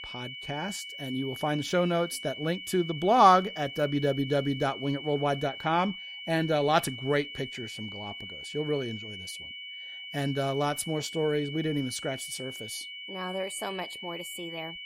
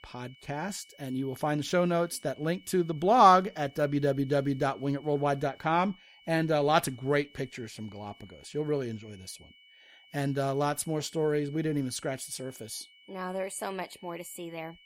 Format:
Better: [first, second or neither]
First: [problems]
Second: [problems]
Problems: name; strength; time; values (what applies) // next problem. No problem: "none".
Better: second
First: high-pitched whine; loud; throughout; 3 kHz, 10 dB below the speech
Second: high-pitched whine; faint; throughout; 3 kHz, 25 dB below the speech